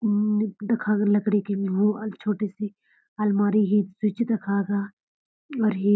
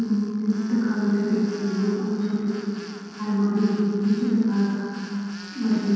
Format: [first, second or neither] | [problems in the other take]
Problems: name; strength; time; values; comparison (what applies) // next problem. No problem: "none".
first | background sound (Tools); 20 dB below the speech // room echo; dies away in 2.1 s